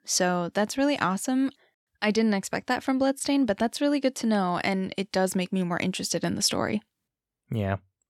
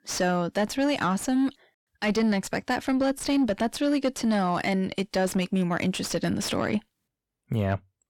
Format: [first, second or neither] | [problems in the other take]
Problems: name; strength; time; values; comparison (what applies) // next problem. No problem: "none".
first | distortion; slight; 10 dB below the speech